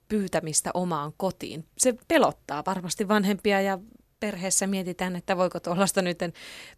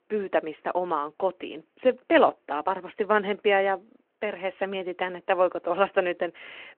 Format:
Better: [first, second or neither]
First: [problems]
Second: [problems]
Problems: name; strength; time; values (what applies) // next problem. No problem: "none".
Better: first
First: none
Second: phone-call audio